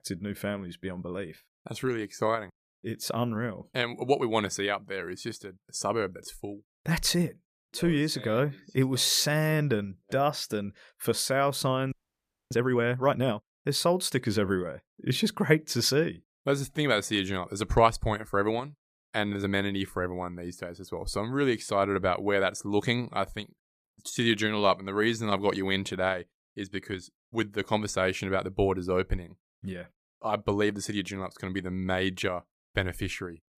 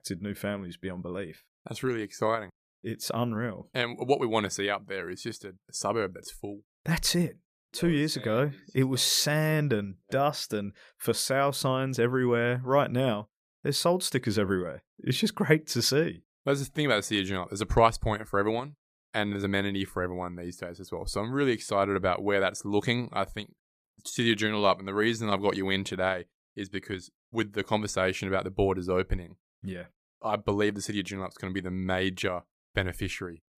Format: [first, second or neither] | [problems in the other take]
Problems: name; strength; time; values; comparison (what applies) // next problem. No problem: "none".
second | audio freezing; at 12 s for 0.5 s